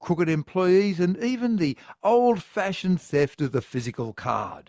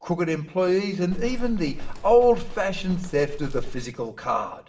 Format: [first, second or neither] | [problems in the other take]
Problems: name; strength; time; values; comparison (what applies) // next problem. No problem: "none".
first | background sound (Livestock, farm animals, working animals); 5 dB below the speech // room echo; dies away in 0.7 s